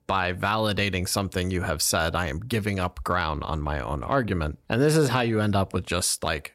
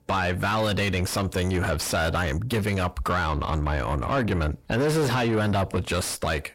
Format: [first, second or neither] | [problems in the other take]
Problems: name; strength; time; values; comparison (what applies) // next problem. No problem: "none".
first | distortion; heavy; 7 dB below the speech